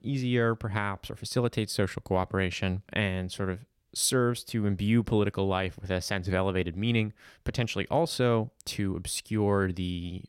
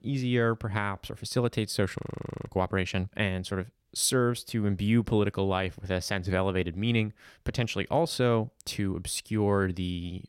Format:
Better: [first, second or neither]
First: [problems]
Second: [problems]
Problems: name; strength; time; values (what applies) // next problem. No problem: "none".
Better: first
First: none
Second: audio freezing; at 2 s